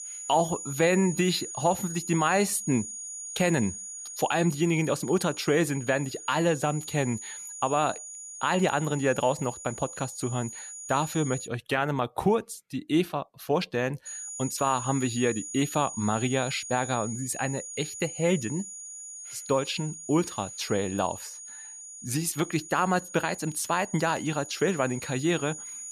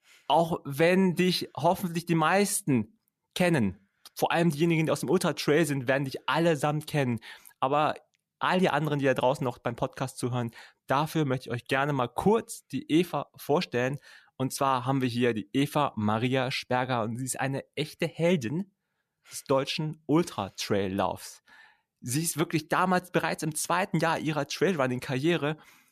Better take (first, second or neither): second